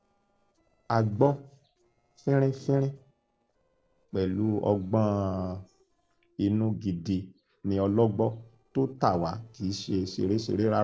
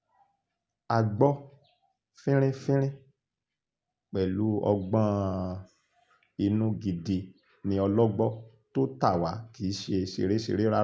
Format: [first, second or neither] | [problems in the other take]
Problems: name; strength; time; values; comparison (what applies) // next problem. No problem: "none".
second | noise reduction (neural separator model SepFormer DNS4)